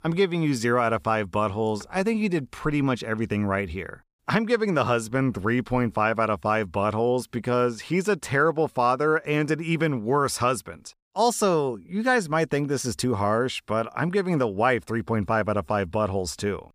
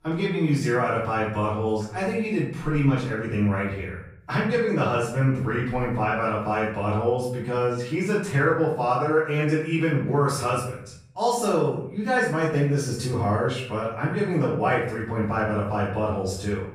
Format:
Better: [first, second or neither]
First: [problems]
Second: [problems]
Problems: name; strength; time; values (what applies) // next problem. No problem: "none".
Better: first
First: none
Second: off-mic speech; far // room echo; noticeable; dies away in 0.7 s